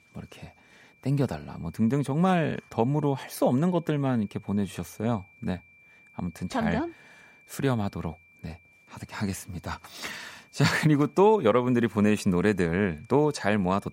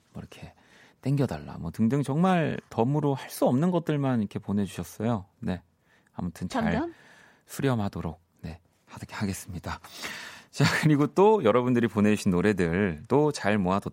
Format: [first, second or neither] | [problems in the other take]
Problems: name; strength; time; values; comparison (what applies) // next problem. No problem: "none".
second | high-pitched whine; faint; throughout; 2.5 kHz, 30 dB below the speech